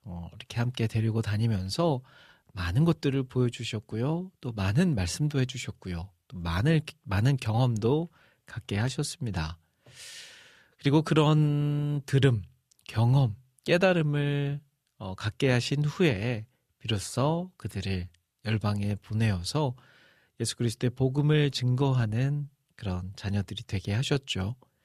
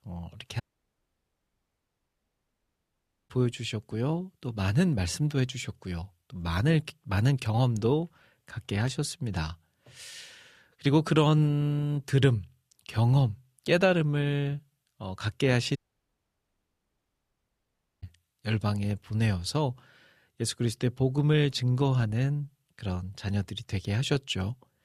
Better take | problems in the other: first | audio cutting out; at 0.5 s for 2.5 s and at 16 s for 2.5 s

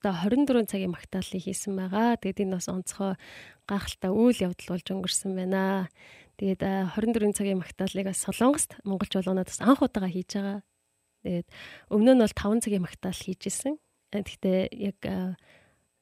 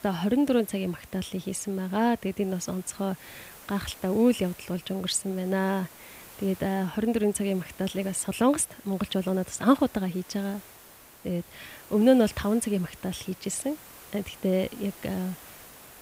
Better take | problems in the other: first | hiss; noticeable; throughout; 20 dB below the speech

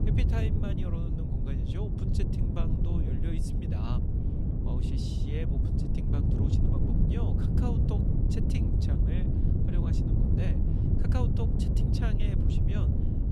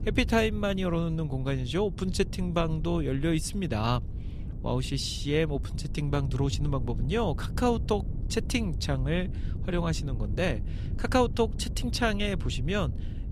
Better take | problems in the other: second | wind noise on the microphone; heavy; 4 dB above the speech; occasional gusts in the second

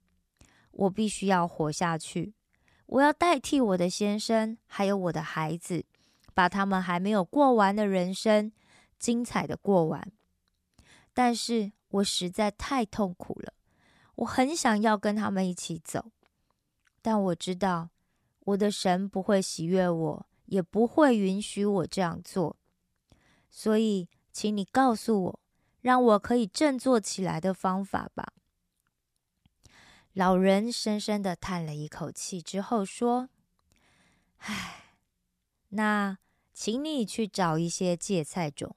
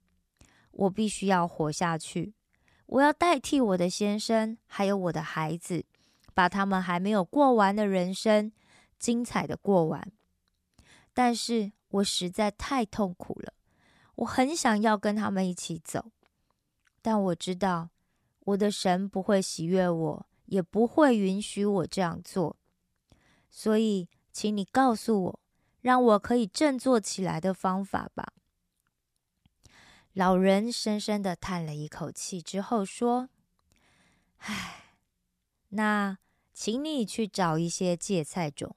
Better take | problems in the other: neither | none

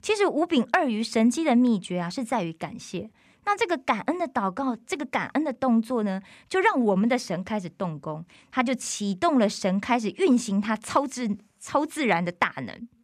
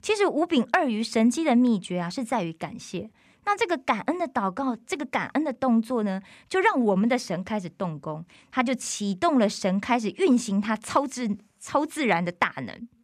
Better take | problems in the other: neither | none

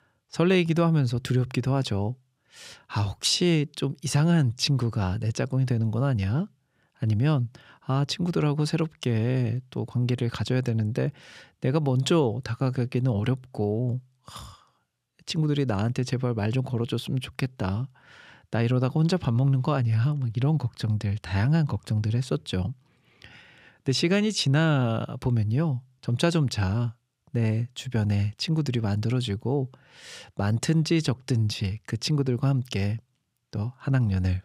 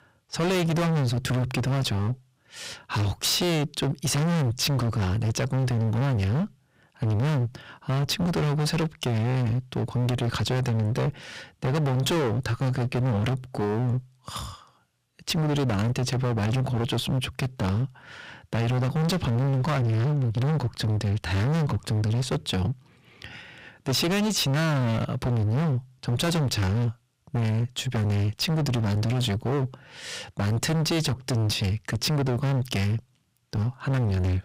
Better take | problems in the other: first | distortion; heavy; 38% of the sound clipped

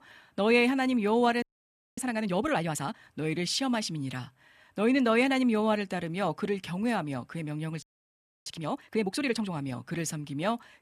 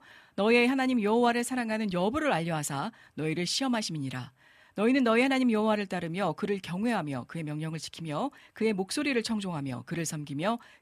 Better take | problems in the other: second | audio freezing; at 1.5 s for 0.5 s and at 8 s for 0.5 s

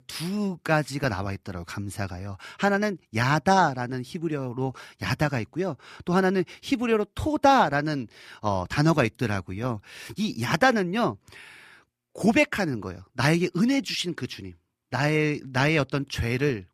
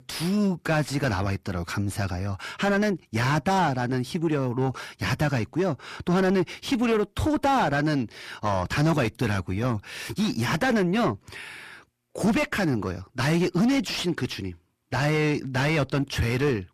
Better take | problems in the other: first | distortion; heavy; 6 dB below the speech

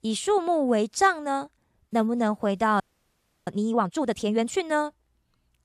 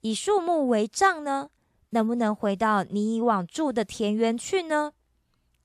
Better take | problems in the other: second | audio freezing; at 3 s for 0.5 s

